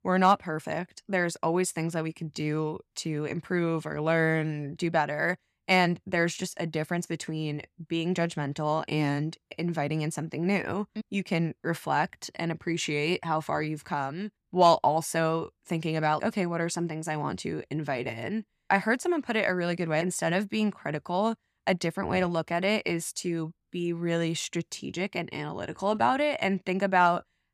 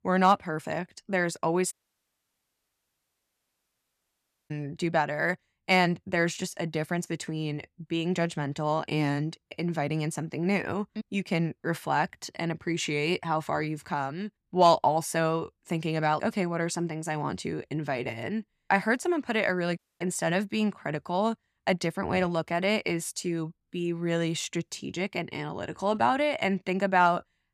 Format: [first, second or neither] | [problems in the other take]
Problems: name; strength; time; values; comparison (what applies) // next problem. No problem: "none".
first | audio cutting out; at 1.5 s for 3 s and at 20 s